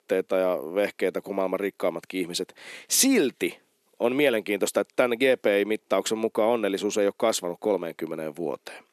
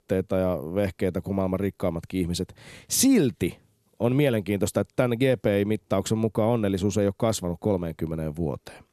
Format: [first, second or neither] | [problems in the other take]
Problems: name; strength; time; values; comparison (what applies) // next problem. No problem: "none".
second | thin; somewhat; fading below 300 Hz